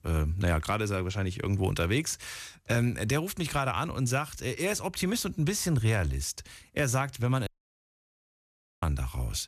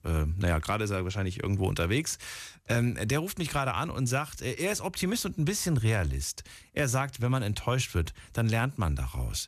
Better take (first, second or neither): second